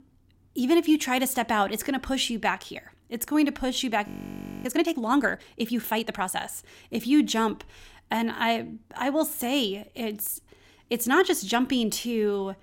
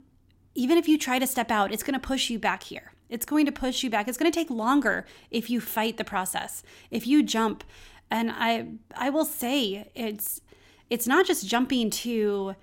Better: second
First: audio freezing; at 4 s for 0.5 s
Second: none

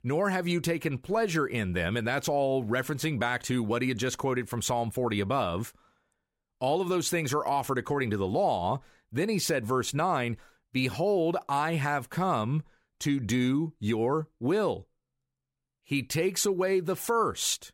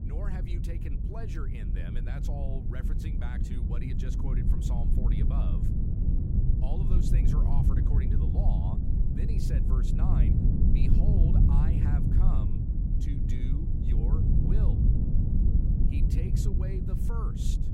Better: first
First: none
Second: wind noise on the microphone; heavy; 4 dB above the speech

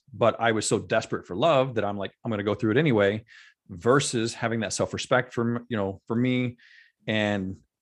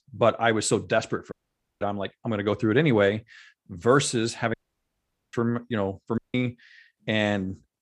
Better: first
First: none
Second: audio cutting out; at 1.5 s, at 4.5 s for 1 s and at 6 s

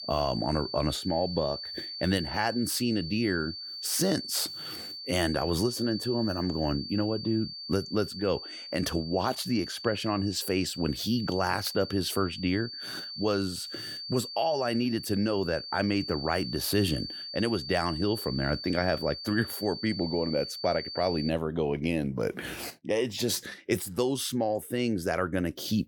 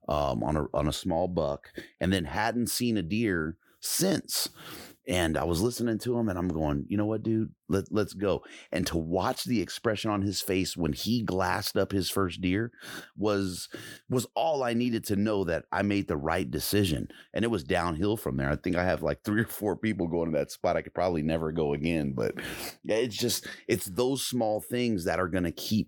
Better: second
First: high-pitched whine; loud; until 21 s; 4.5 kHz, 8 dB below the speech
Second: none

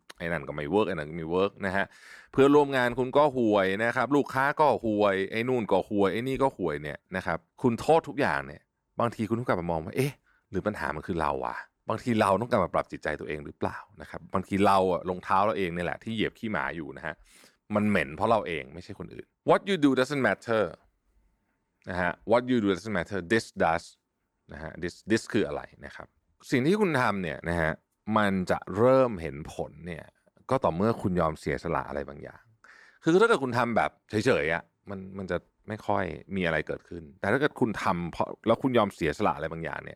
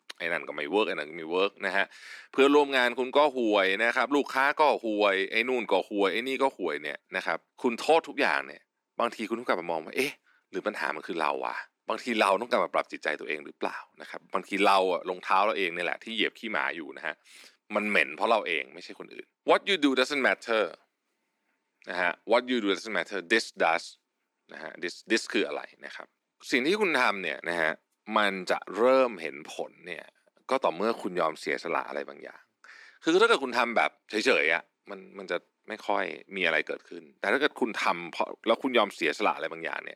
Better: first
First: none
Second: thin; very slightly; fading below 250 Hz

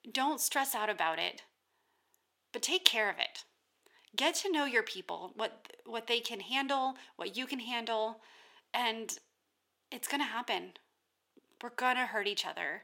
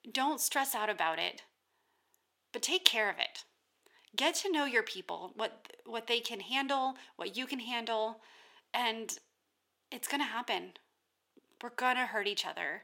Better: neither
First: thin; somewhat; fading below 500 Hz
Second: thin; somewhat; fading below 500 Hz

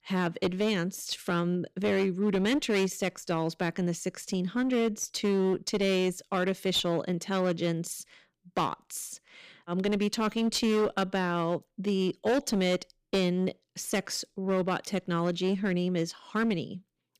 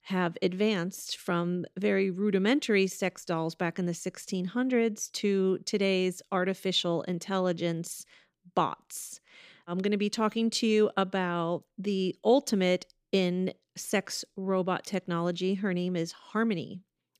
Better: second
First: distortion; slight; 11% of the sound clipped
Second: none

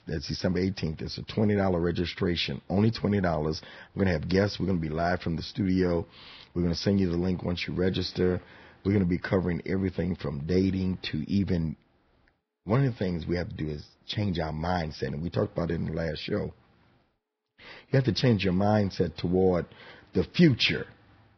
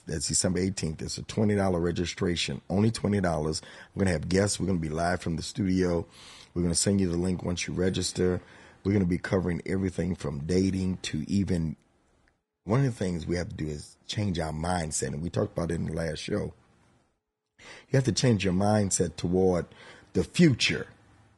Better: second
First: garbled, watery; badly; nothing above 5.5 kHz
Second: garbled, watery; slightly; nothing above 10 kHz

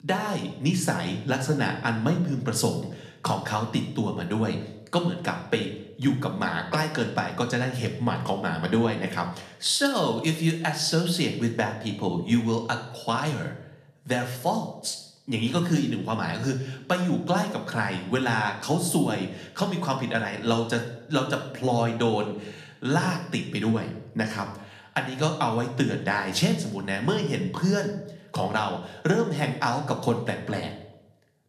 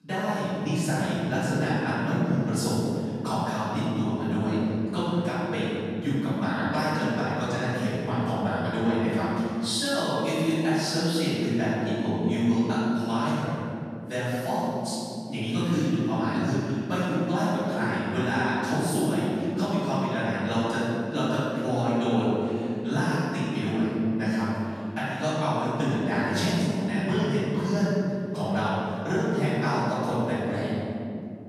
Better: first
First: room echo; slight; dies away in 0.6 s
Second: room echo; strong; dies away in 2.8 s // off-mic speech; far

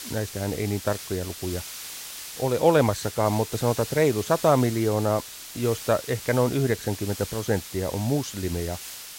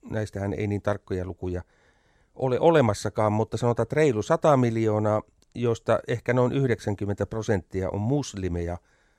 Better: second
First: hiss; noticeable; throughout; 10 dB below the speech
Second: none

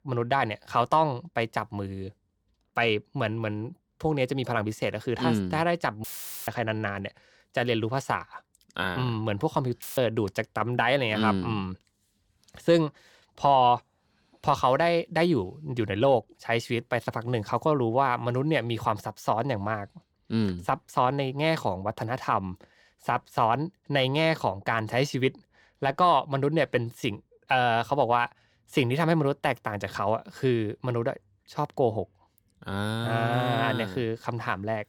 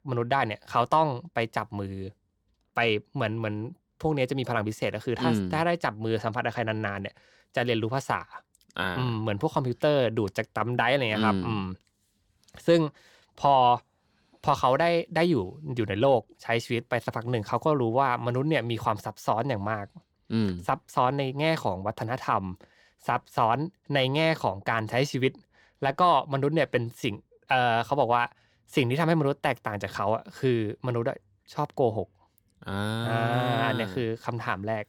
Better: second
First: audio cutting out; filled with static; at 6 s and at 10 s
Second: none

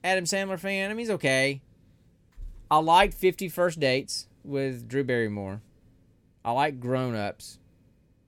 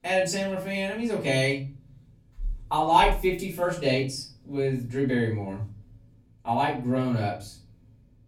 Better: first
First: none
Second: off-mic speech; far // room echo; slight; dies away in 0.4 s

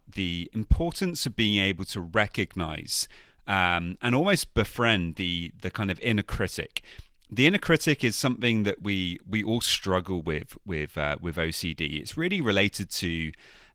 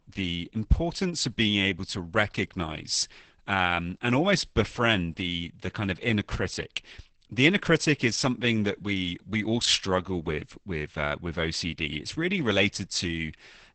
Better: first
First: garbled, watery; slightly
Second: garbled, watery; badly; nothing above 8 kHz

